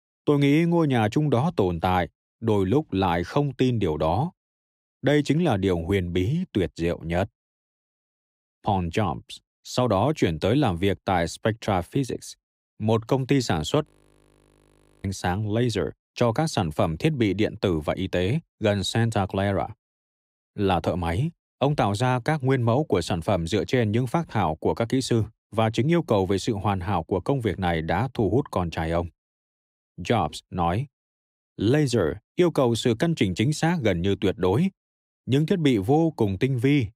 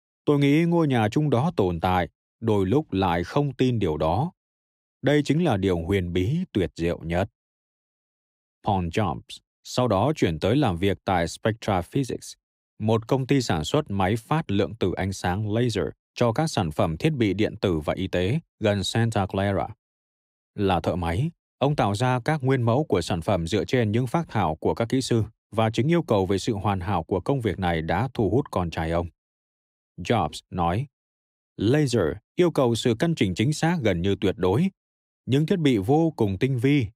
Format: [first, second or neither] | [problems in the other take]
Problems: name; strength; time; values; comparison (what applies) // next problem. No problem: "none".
second | audio freezing; at 14 s for 1 s